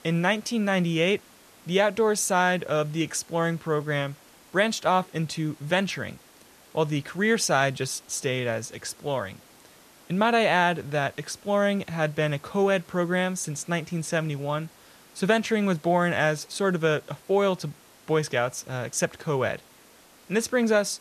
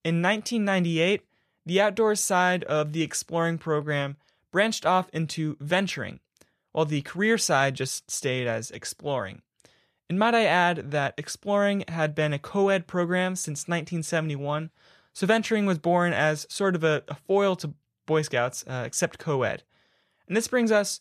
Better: second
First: hiss; faint; throughout; 25 dB below the speech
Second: none

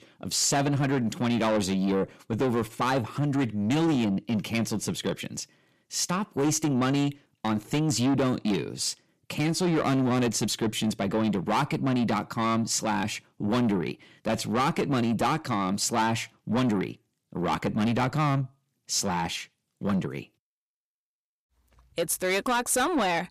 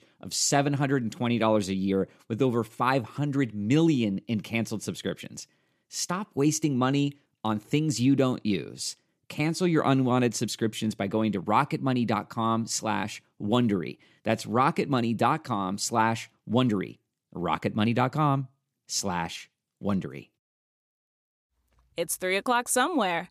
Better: second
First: distortion; heavy; 8 dB below the speech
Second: none

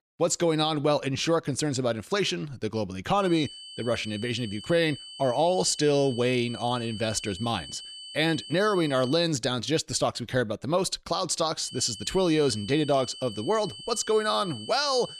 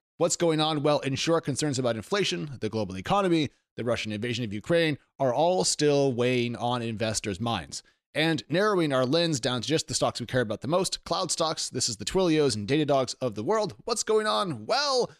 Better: second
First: high-pitched whine; noticeable; from 3 to 9 s and from 12 s on; 3 kHz, 15 dB below the speech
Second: none

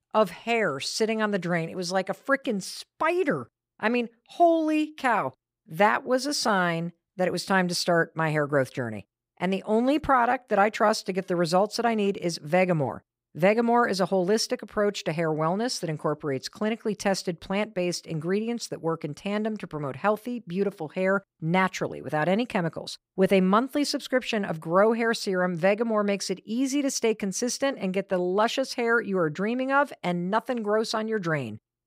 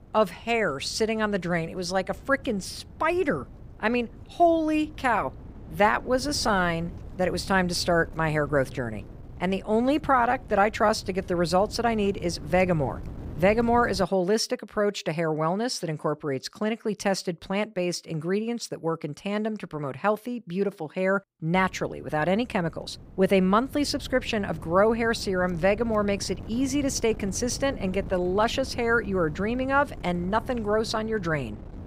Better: first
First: none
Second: wind noise on the microphone; occasional gusts; until 14 s and from 22 s on; 25 dB below the speech

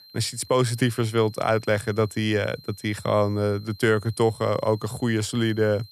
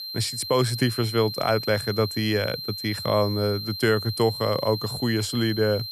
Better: first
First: high-pitched whine; faint; throughout; 4 kHz, 25 dB below the speech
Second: high-pitched whine; loud; throughout; 4 kHz, 7 dB below the speech

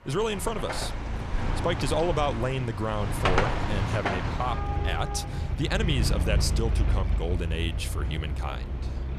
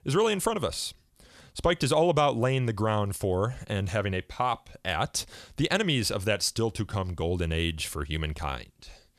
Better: second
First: traffic noise; very loud; throughout; 1 dB above the speech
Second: none

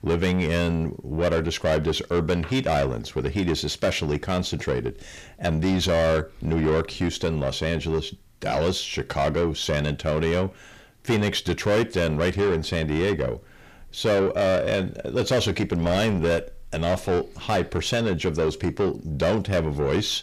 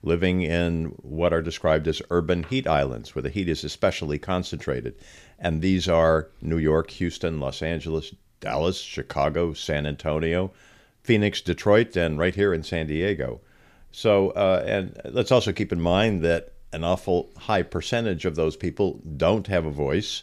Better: second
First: distortion; heavy; 8 dB below the speech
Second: none

